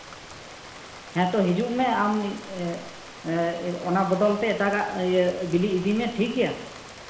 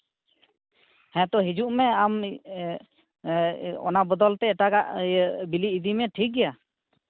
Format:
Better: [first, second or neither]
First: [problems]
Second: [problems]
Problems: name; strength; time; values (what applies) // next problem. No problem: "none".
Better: second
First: background sound (Rain); 16 dB below the speech // room echo; dies away in 0.9 s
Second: none